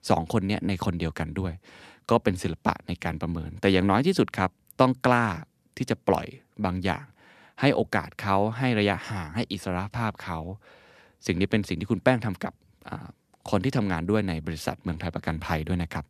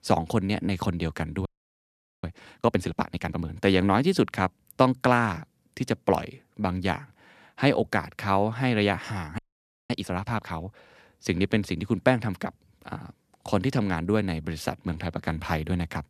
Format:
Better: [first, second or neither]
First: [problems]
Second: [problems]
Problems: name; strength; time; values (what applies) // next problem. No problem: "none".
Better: first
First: none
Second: audio freezing; at 1.5 s for 1 s and at 9.5 s for 0.5 s